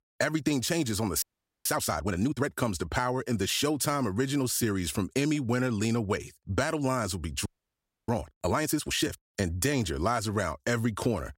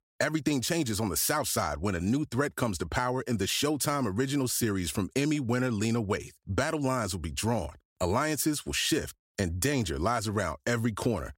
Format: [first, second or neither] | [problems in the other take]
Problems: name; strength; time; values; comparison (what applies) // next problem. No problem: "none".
second | audio freezing; at 1 s and at 7.5 s for 0.5 s